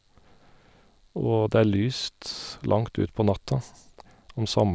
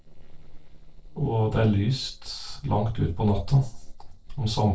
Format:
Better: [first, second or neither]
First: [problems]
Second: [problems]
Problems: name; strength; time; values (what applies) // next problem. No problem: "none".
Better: first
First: none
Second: noise reduction (neural separator model SepFormer DNS4)